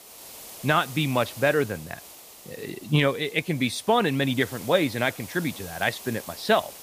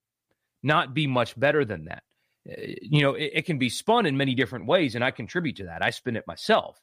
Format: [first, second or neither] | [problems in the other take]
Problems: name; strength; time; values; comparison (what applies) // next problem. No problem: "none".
second | hiss; noticeable; throughout; 15 dB below the speech